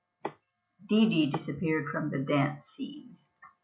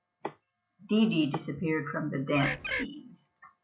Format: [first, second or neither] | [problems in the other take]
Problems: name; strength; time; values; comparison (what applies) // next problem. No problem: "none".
first | background sound (Bird); 2 dB below the speech